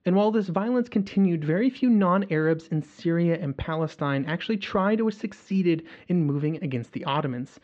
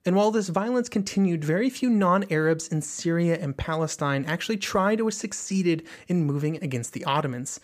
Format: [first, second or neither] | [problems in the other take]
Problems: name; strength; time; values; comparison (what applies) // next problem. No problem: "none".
second | muffled; slightly; fading above 3.5 kHz